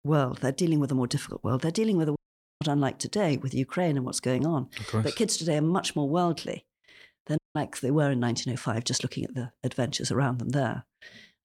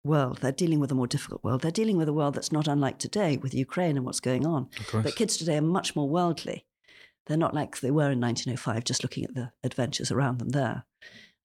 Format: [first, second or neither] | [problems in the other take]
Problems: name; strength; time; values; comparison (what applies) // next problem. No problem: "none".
second | audio cutting out; at 2 s and at 7.5 s